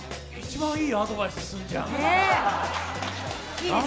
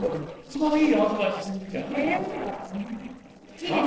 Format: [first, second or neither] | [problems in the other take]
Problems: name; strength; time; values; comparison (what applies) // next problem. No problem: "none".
first | noise reduction (neural separator model SepFormer DNS4)